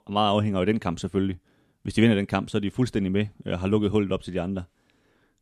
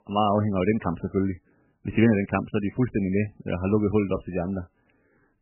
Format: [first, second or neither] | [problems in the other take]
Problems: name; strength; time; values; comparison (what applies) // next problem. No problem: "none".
first | garbled, watery; badly; nothing above 3 kHz